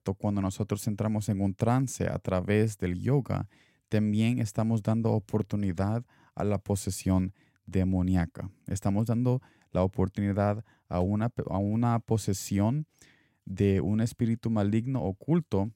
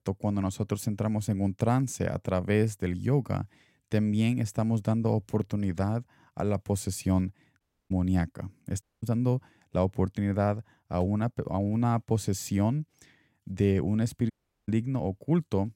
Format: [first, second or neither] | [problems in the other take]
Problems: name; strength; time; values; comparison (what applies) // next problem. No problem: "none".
first | audio cutting out; at 7.5 s, at 9 s and at 14 s